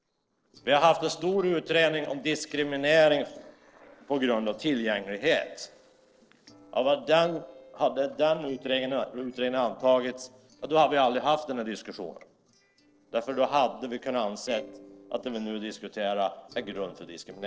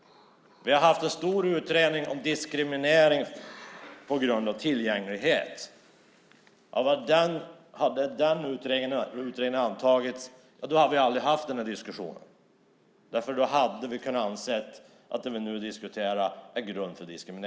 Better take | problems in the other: second | noise reduction (neural separator model SepFormer DNS4)

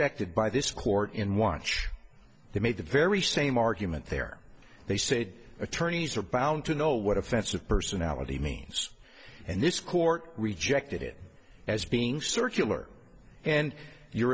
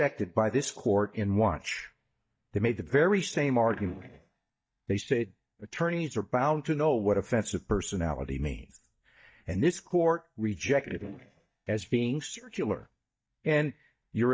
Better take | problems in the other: first | noise reduction (neural mask model DeepFilterNet 3)

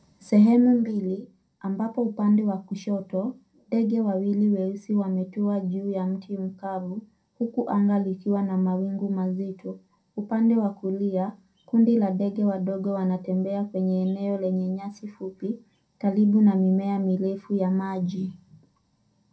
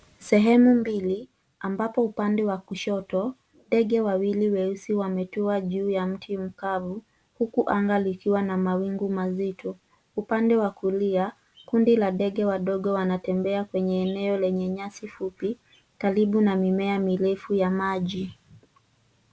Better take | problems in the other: second | room echo; dies away in 0.2 s

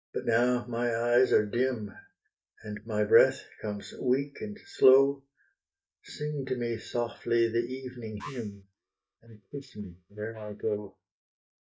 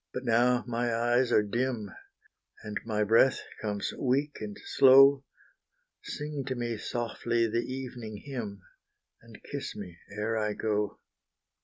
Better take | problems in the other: second | noise reduction (neural mask model DeepFilterNet 3)

